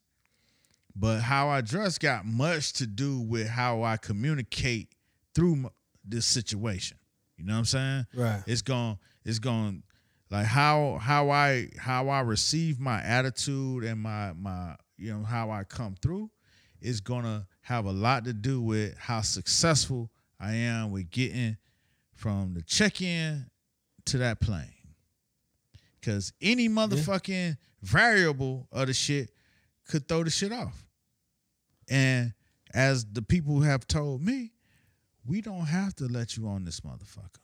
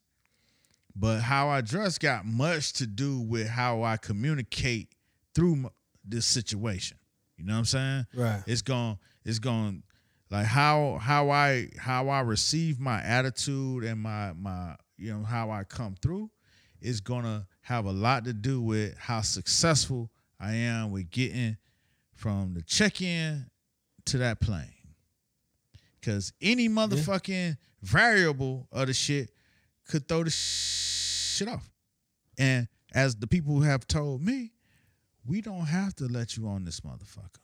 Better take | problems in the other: first | audio freezing; at 30 s for 1 s

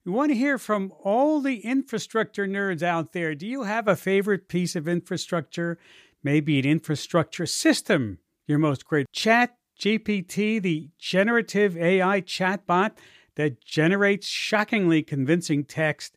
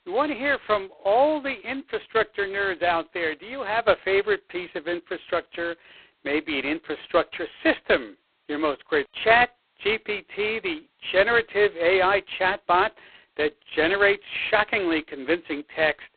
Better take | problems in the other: first | phone-call audio; poor line; nothing above 4 kHz

